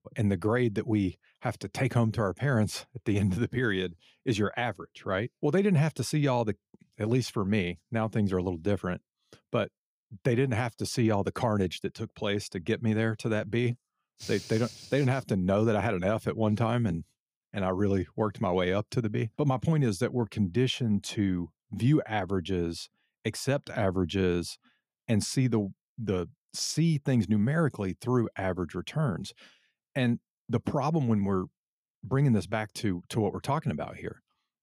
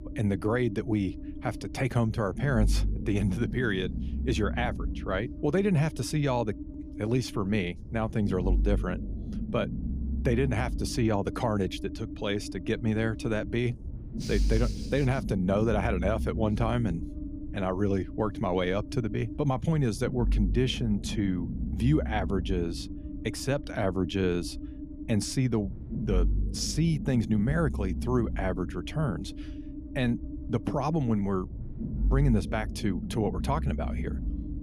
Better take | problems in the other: first | low rumble; noticeable; throughout; 10 dB below the speech

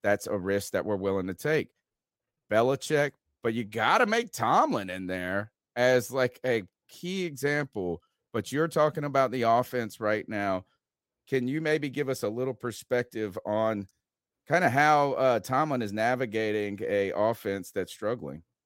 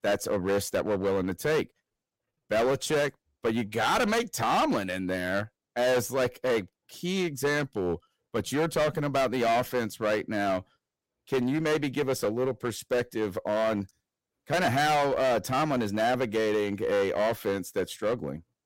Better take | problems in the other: first | distortion; heavy; 13% of the sound clipped

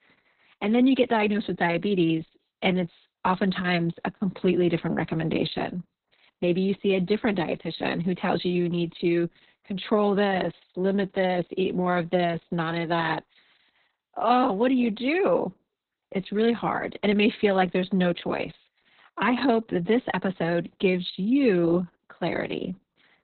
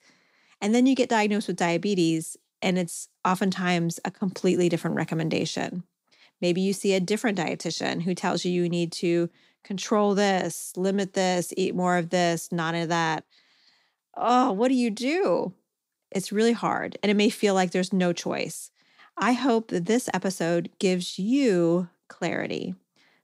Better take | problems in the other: second | garbled, watery; badly; nothing above 4 kHz

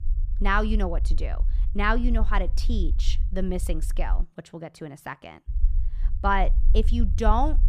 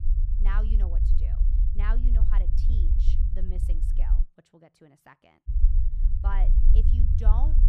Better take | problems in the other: first | low rumble; loud; until 4 s and from 5.5 s on; 4 dB below the speech; faint in the first

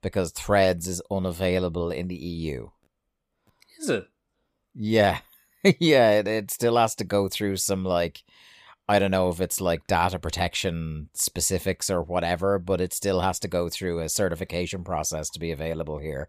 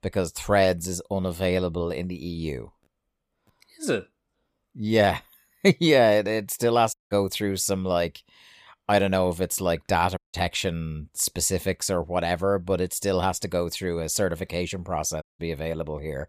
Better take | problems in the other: first | audio cutting out; at 7 s, at 10 s and at 15 s

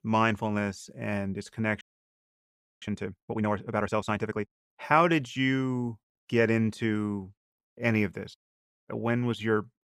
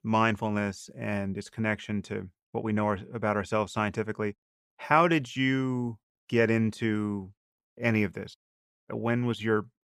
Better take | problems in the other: second | audio freezing; at 2 s for 1 s

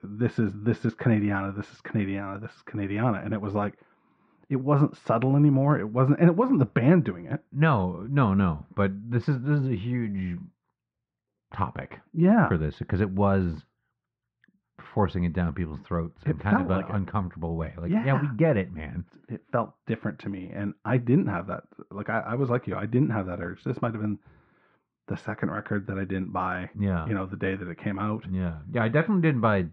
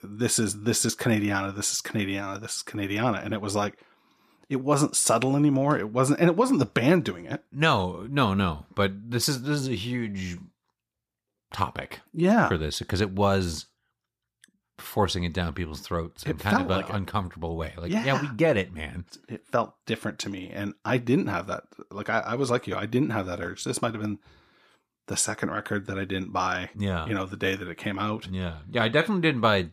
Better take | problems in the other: second | muffled; very; fading above 2 kHz

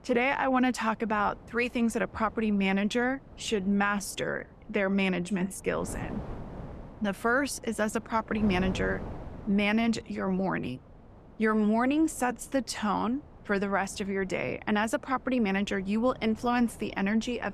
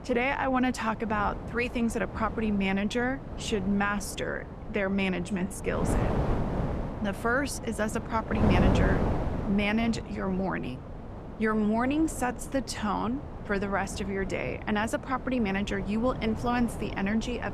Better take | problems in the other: first | wind noise on the microphone; heavy; 8 dB below the speech; occasional gusts in the first

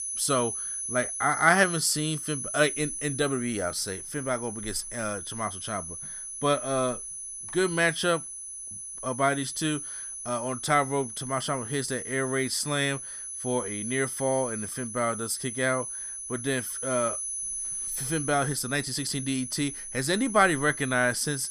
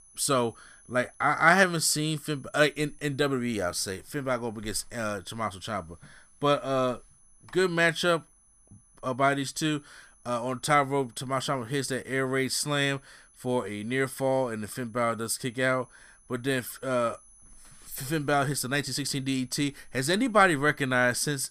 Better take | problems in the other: second | high-pitched whine; loud; throughout; 10 kHz, 6 dB below the speech; faint in the second

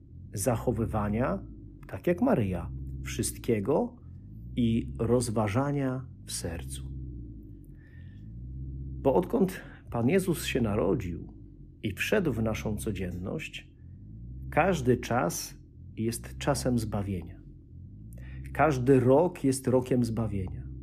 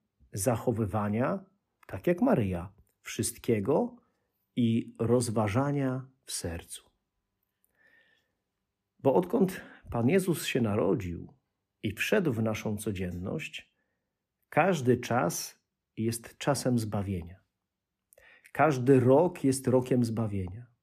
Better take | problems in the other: second | low rumble; faint; throughout; 25 dB below the speech

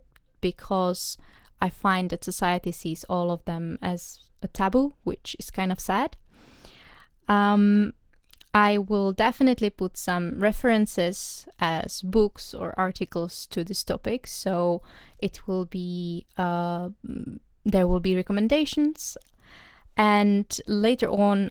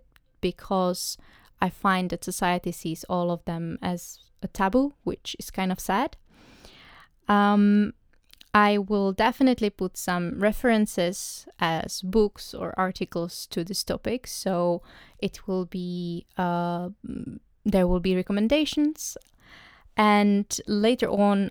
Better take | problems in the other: second | garbled, watery; slightly; nothing above 19 kHz

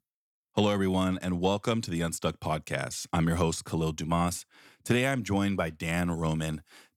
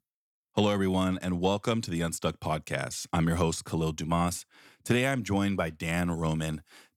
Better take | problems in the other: neither | none

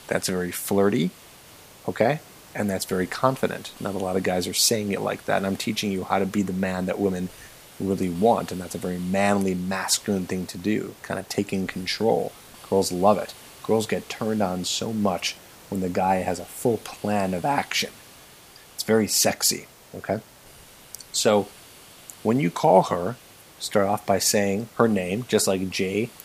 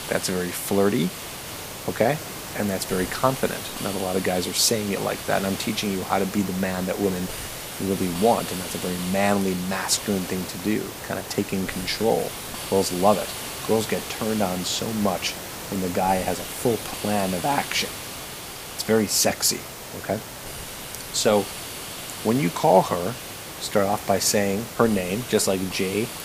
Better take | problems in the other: first | hiss; loud; throughout; 8 dB below the speech; faint in the first

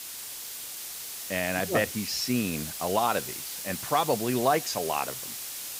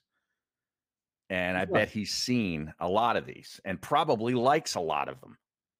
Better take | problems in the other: second | hiss; loud; throughout; 6 dB below the speech

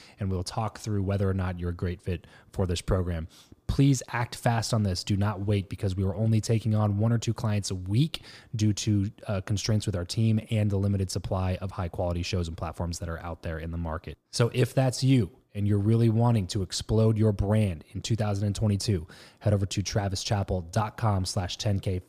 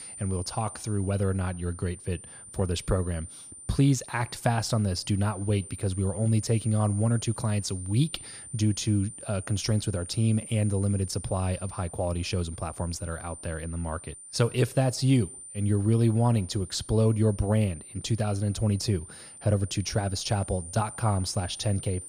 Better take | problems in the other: first | high-pitched whine; noticeable; throughout; 9 kHz, 15 dB below the speech

